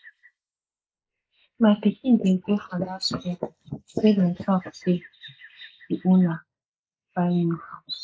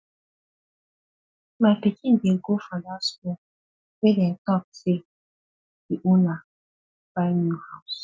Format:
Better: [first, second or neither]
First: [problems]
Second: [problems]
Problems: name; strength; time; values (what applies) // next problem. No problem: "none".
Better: second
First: noise reduction (neural mask model Resemble Enhance denoiser)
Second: none